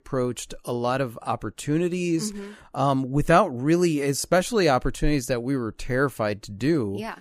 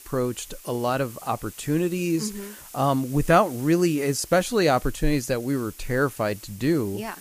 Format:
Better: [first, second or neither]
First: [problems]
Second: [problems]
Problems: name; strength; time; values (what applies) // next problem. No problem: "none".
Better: first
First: none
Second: hiss; noticeable; throughout; 20 dB below the speech